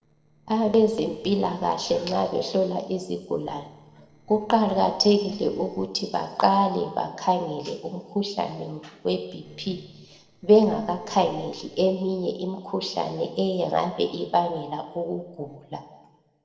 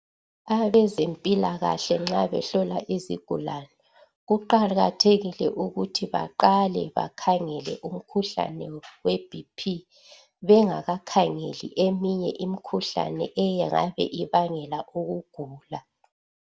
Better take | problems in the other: second | noise reduction (neural separator model SepFormer DNS4)

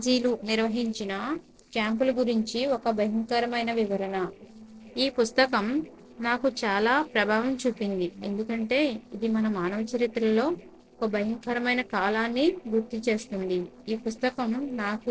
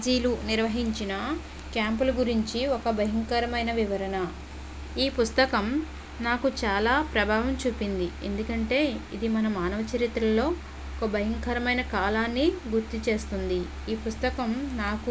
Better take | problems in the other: second | noise reduction (neural separator model SepFormer DNS4)

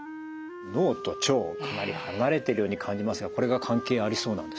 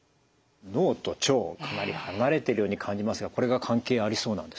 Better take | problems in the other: second | background sound (Wind instrument, woodwind instrument); 11 dB below the speech

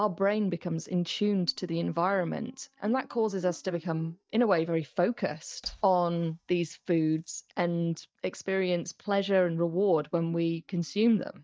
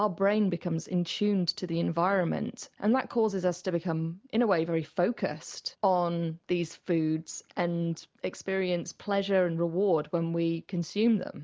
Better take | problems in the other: second | noise reduction (neural mask model DeepFilterNet 3)

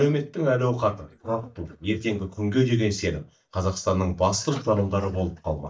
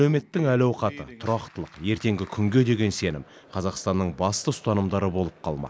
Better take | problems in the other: second | noise reduction (neural mask model DeepFilterNet 3)

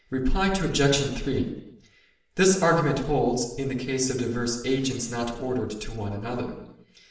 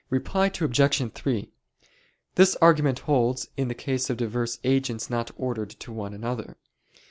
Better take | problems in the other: second | room echo; dies away in 0.8 s

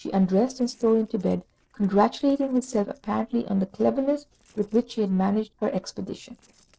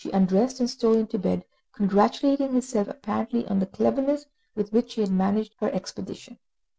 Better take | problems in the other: second | noise reduction (neural separator model SepFormer DNS4)

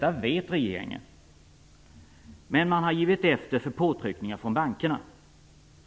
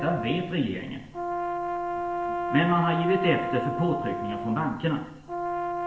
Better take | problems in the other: first | background sound (Brass instrument); 3 dB below the speech // room echo; dies away in 0.8 s

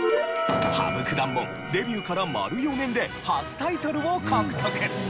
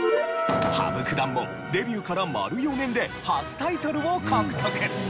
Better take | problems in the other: second | background sound (Bell); 17 dB below the speech

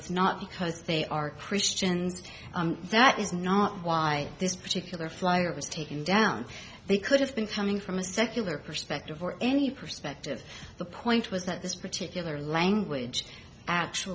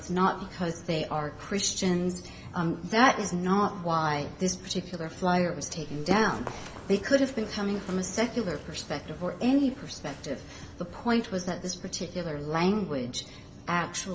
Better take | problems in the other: first | background sound (Run); 17 dB below the speech // room echo; dies away in 1.4 s

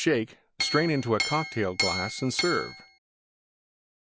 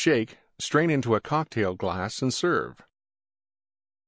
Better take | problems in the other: second | background sound (Chink, clink); 3 dB below the speech

